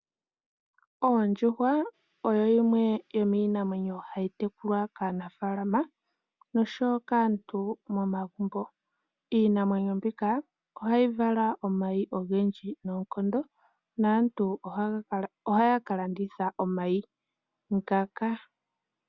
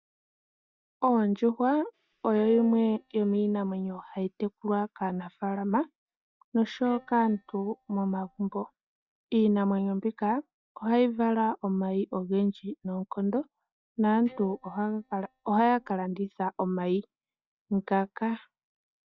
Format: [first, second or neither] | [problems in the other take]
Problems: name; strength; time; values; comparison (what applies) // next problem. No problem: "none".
first | noise reduction (neural mask model DeepFilterNet 3)